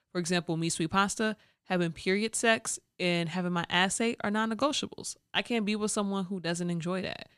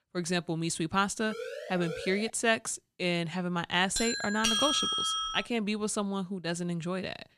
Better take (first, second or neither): first